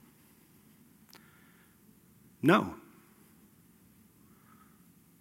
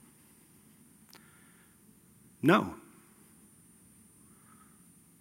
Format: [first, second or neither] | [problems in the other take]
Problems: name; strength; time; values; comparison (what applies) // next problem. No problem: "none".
first | high-pitched whine; faint; throughout; 9 kHz, 35 dB below the speech